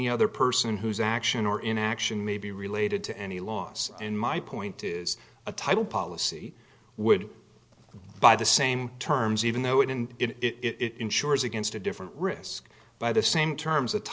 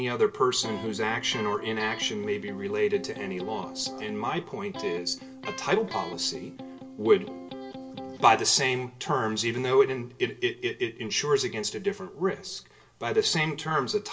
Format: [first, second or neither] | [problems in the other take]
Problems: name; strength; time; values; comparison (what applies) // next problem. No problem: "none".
first | background sound (Electric guitar); 12 dB below the speech // room echo; dies away in 0.2 s